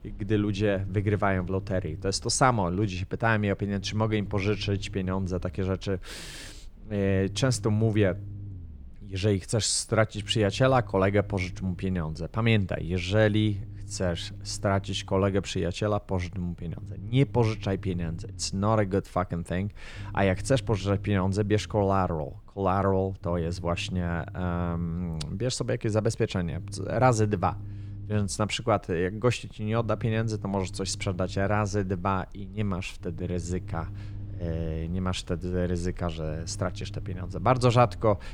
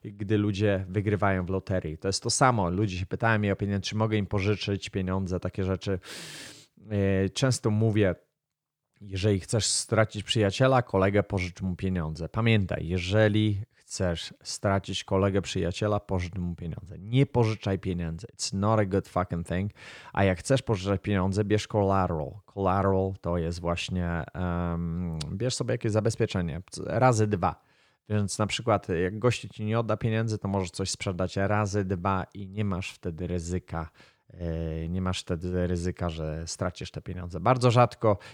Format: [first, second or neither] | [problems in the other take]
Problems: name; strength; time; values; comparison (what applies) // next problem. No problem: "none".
second | low rumble; faint; throughout; 25 dB below the speech